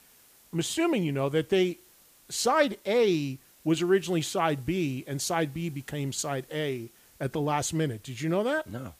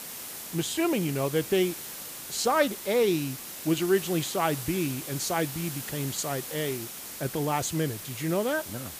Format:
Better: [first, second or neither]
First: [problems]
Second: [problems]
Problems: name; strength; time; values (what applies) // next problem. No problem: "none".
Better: first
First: hiss; faint; throughout; 25 dB below the speech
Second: hiss; loud; throughout; 8 dB below the speech